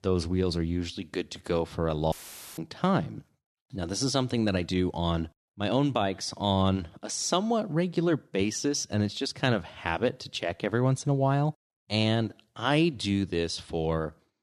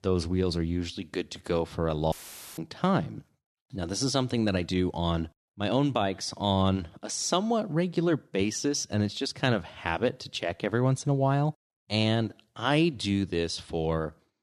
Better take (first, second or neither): neither